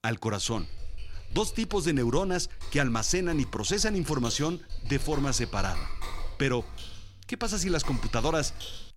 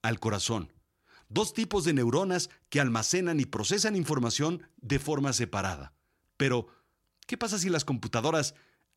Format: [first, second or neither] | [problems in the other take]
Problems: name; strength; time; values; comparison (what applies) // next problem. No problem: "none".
second | keyboard typing; noticeable; peak 9 dB below the speech